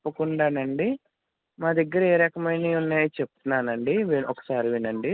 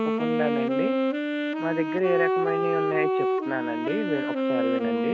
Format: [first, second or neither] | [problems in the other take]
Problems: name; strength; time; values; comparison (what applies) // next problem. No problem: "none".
first | background sound (Wind instrument, woodwind instrument); 5 dB above the speech